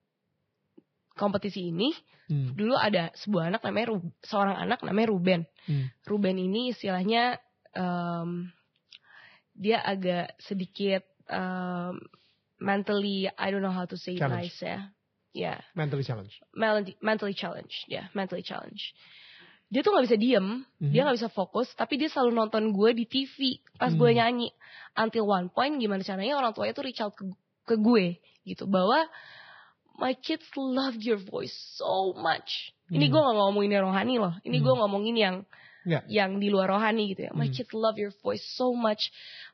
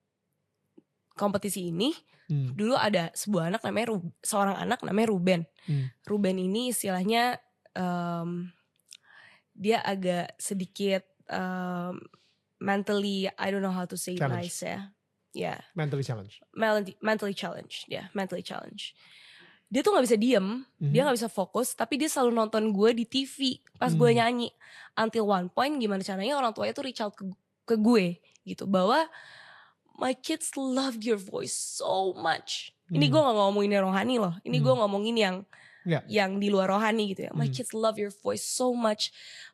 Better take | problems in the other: second | garbled, watery; badly; nothing above 5 kHz; slightly in the second

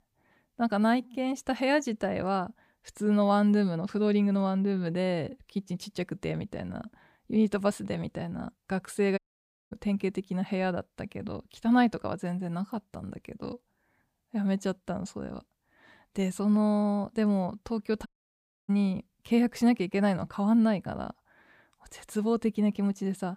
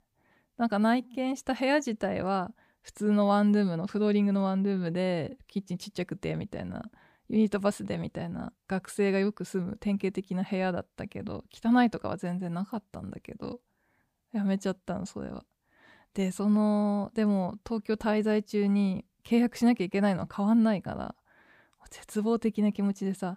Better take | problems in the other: second | audio cutting out; at 9 s for 0.5 s and at 18 s for 0.5 s

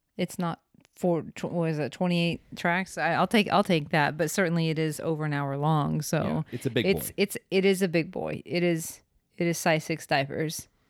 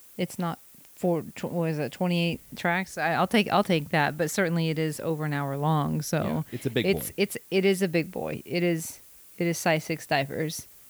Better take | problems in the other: first | hiss; faint; throughout; 20 dB below the speech

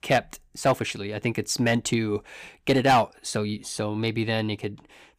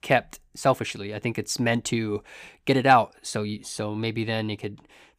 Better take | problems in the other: second | distortion; slight; 2% of the sound clipped

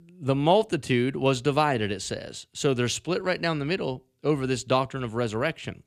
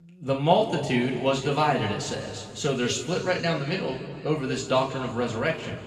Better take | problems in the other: first | room echo; noticeable; dies away in 2.1 s // off-mic speech; far

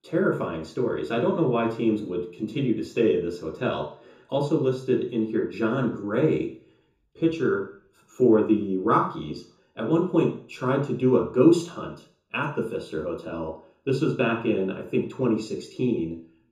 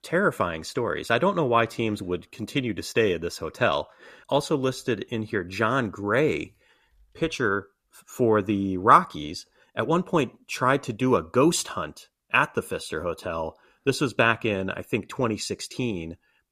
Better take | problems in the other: second | room echo; slight; dies away in 0.6 s // off-mic speech; far

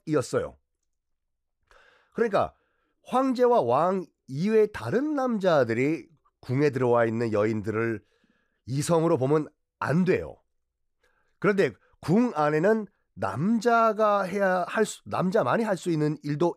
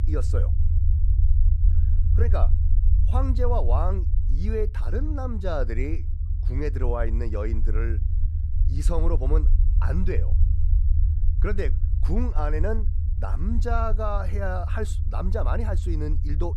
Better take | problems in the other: first | low rumble; noticeable; throughout; 10 dB below the speech

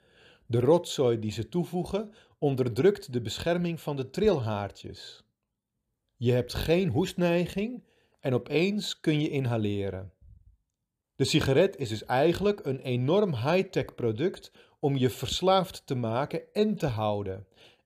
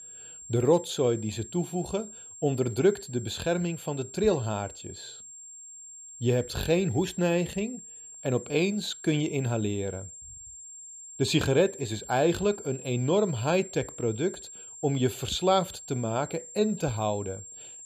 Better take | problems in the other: first | high-pitched whine; noticeable; throughout; 7.5 kHz, 15 dB below the speech

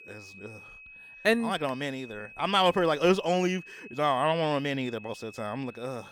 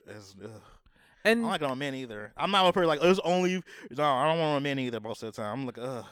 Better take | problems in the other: second | high-pitched whine; noticeable; throughout; 2.5 kHz, 20 dB below the speech

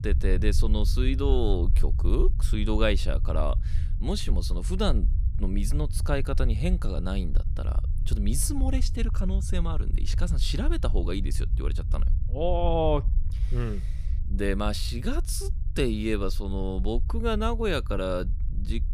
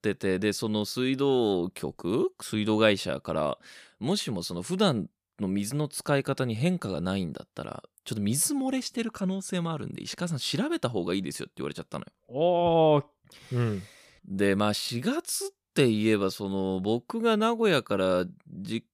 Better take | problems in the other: second | low rumble; noticeable; throughout; 15 dB below the speech

